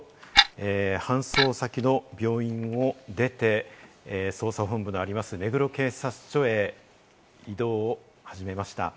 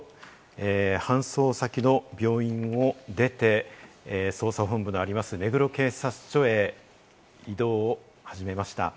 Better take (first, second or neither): second